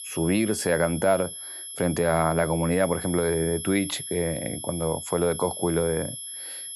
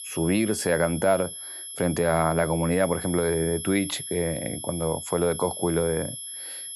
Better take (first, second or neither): neither